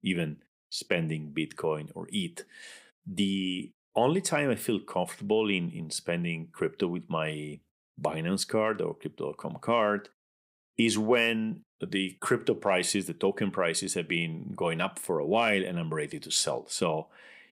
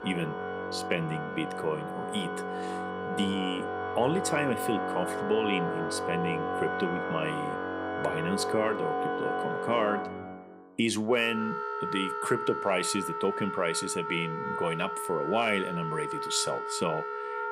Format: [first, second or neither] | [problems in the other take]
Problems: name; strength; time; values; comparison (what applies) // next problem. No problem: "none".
first | background music; loud; throughout; 2 dB below the speech